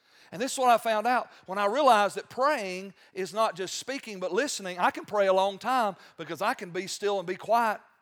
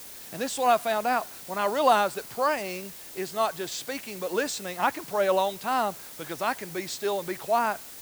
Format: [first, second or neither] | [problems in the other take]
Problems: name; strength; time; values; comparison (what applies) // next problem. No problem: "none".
first | hiss; noticeable; throughout; 15 dB below the speech